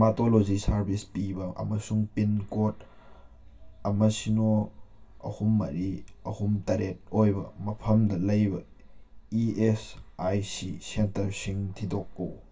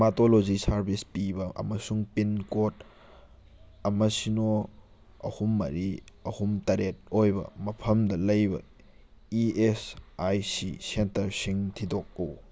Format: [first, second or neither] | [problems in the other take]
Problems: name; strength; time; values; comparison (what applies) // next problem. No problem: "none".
second | room echo; dies away in 0.2 s